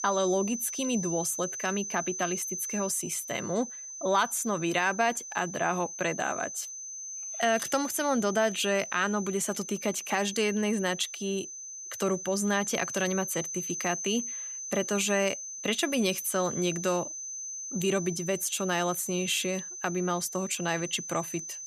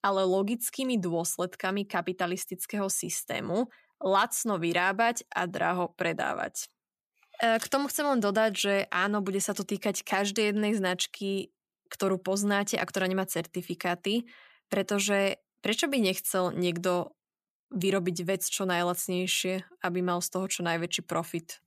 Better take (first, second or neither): second